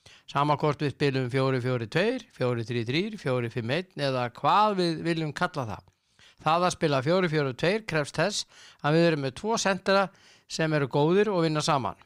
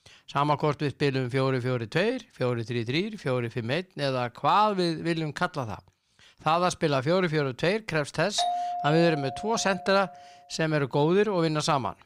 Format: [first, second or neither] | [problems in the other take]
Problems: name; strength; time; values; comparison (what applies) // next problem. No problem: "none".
first | doorbell; noticeable; from 8.5 to 10 s; peak 2 dB below the speech